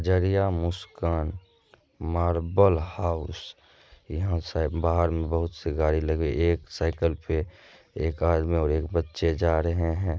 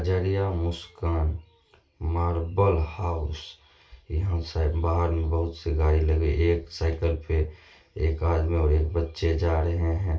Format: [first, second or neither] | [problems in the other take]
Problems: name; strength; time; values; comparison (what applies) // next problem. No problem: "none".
first | room echo; dies away in 0.3 s